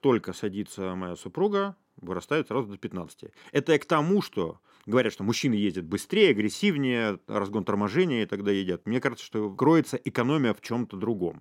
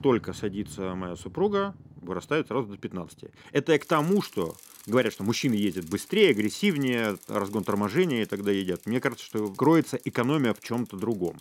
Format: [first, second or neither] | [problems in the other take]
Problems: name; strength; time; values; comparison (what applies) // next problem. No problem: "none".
first | traffic noise; faint; throughout; 20 dB below the speech